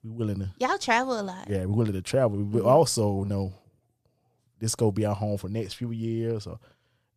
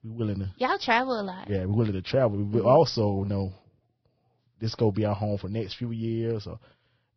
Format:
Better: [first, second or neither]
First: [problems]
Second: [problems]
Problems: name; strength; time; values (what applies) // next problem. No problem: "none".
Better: first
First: none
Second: garbled, watery; badly; nothing above 5.5 kHz